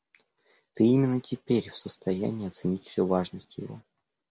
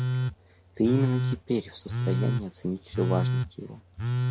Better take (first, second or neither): first